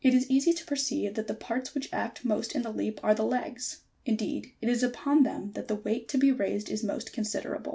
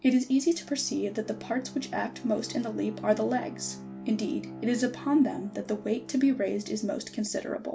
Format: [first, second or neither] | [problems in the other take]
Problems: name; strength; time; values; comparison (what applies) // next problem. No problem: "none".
first | background sound (Bowed string instrument); 15 dB below the speech